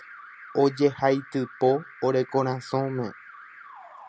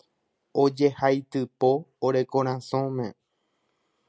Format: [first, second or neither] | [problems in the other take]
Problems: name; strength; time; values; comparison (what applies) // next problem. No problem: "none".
second | background sound (Alarm); 19 dB below the speech